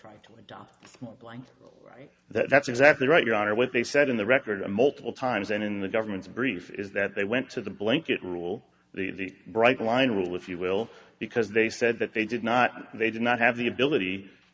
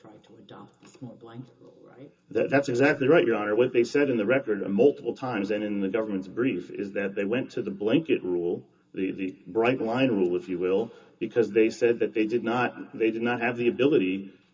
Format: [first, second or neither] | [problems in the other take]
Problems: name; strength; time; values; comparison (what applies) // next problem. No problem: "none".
first | room echo; dies away in 0.2 s